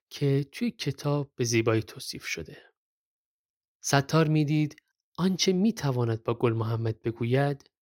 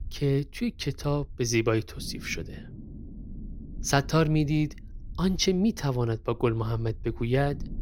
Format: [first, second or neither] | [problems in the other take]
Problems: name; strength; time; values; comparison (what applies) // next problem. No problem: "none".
first | low rumble; faint; throughout; 25 dB below the speech